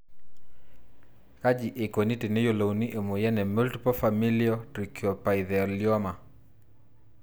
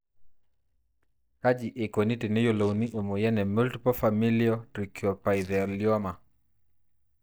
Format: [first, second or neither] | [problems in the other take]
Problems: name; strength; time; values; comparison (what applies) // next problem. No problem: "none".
first | noise reduction (neural mask model DeepFilterNet 3)